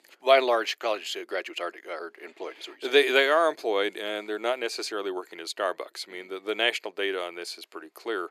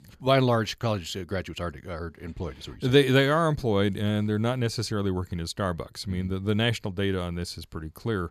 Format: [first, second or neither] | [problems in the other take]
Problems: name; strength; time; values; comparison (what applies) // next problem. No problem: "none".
second | thin; very; fading below 350 Hz